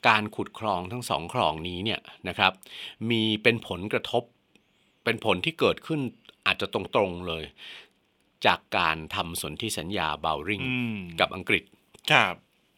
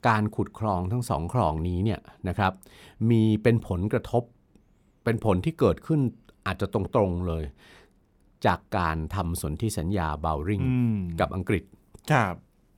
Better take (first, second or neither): second